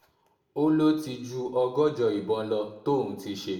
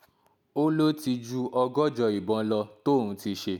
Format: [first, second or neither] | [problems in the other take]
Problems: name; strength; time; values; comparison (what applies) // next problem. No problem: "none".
second | room echo; dies away in 0.6 s